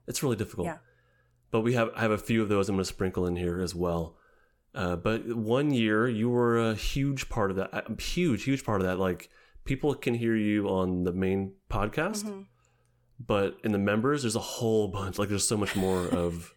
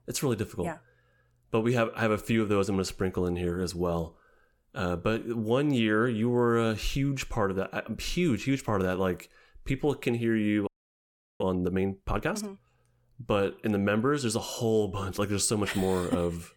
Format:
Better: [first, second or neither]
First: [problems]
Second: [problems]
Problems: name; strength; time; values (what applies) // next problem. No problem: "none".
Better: first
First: none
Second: audio freezing; at 11 s for 0.5 s